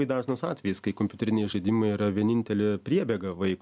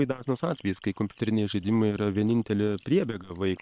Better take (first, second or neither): first